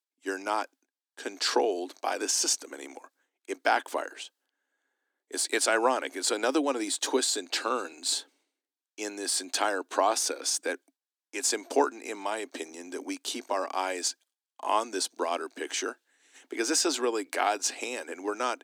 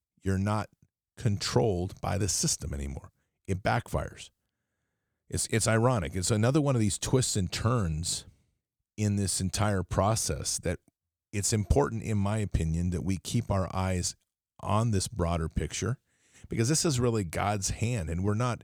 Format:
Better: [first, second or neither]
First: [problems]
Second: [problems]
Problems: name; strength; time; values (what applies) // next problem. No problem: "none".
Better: second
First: thin; very; fading below 250 Hz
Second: none